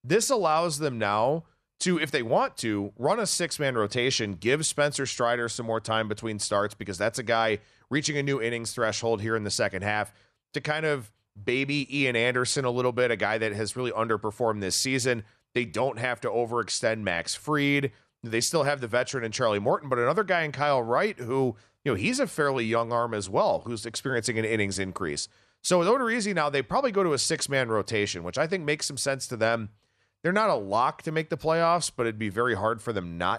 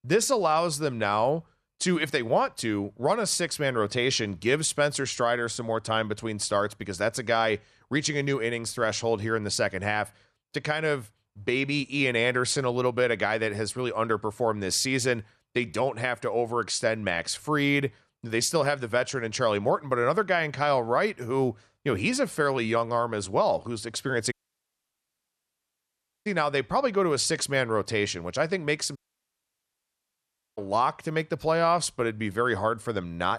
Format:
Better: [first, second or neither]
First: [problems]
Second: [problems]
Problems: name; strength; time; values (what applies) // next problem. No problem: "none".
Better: first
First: none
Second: audio cutting out; at 24 s for 2 s and at 29 s for 1.5 s